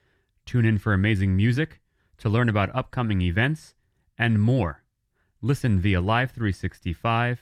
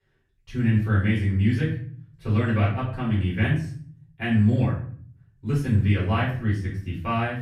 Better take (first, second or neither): first